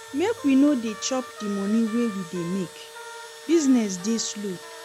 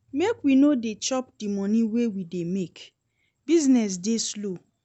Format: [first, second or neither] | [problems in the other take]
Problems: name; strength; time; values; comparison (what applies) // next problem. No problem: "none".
second | background sound (Engine / Drill + Trumpet); 15 dB below the speech